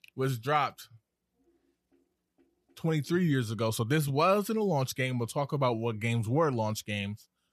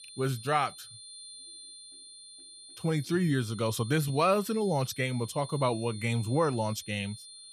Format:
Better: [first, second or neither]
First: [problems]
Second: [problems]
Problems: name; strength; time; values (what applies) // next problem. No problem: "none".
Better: first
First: none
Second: high-pitched whine; noticeable; throughout; 4 kHz, 15 dB below the speech